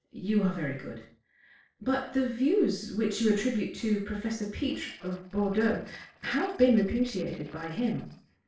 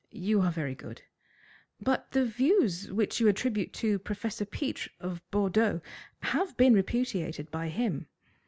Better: second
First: noise reduction (neural separator model SepFormer DNS4)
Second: none

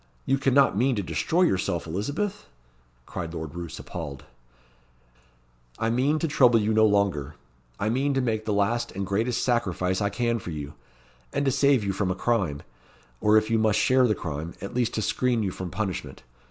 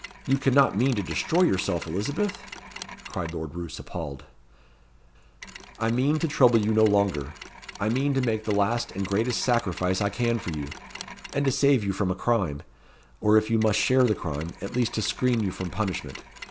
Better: first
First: none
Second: background sound (Mechanisms); 17 dB below the speech

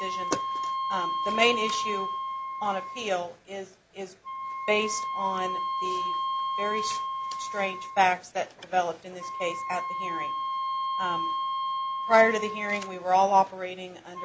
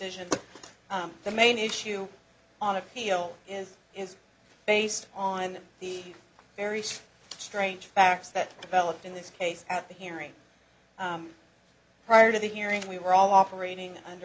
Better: second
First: background sound (Wind instrument, woodwind instrument); 3 dB below the speech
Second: none

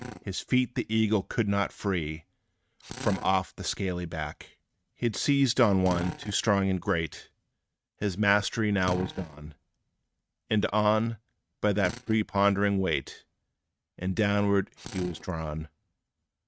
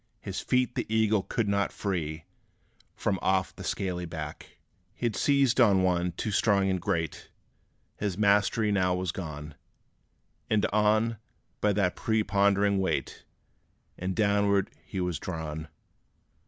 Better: second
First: noise reduction (neural mask model RNNoise)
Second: none

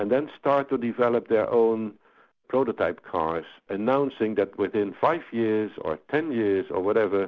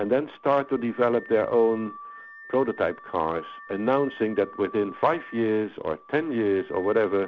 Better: first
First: none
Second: background sound (Alarm / Car); 19 dB below the speech

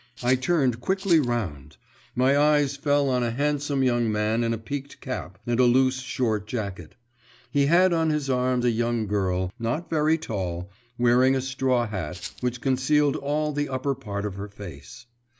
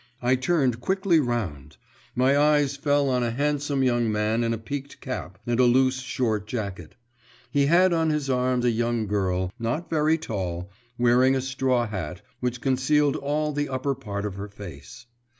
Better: second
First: background sound (Rattle (instrument)); 16 dB below the speech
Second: none

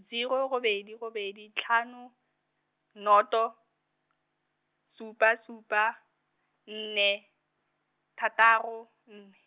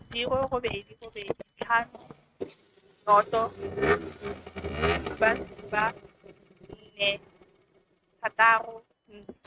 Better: first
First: none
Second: noise reduction (neural mask model RNNoise)

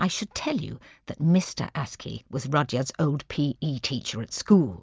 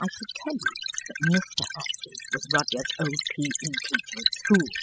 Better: first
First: none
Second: noise reduction (classical method spectral subtraction)

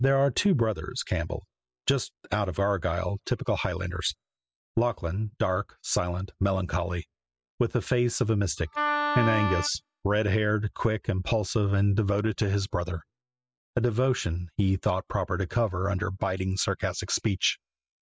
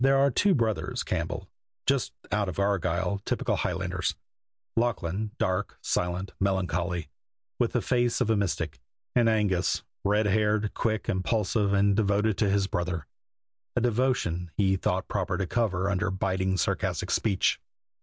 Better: second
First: noise reduction (classical method spectral subtraction)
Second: none

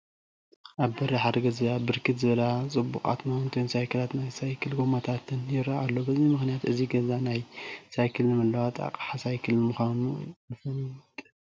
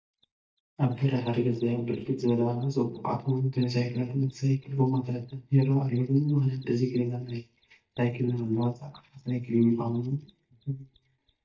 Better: first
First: none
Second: noise reduction (neural mask model DeepFilterNet 3)

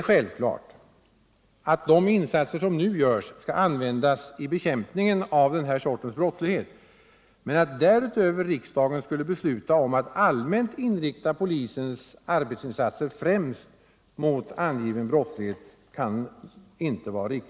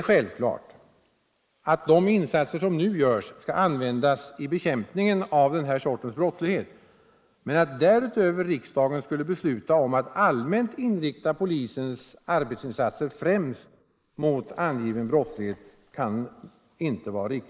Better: first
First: none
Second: noise reduction (neural mask model Resemble Enhance denoiser)

